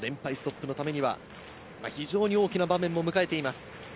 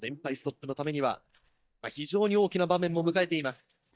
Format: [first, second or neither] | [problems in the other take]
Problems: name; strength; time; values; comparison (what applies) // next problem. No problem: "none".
first | noise reduction (neural mask model DeepFilterNet 3)